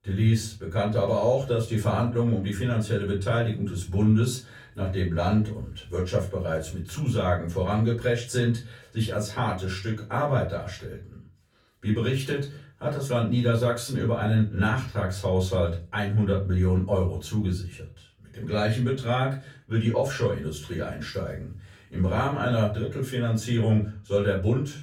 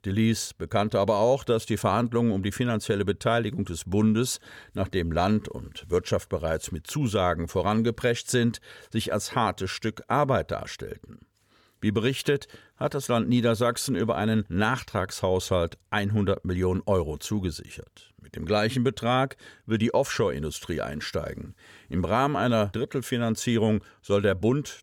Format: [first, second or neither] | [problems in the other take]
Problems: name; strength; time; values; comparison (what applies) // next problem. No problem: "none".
second | off-mic speech; far // room echo; slight; dies away in 0.4 s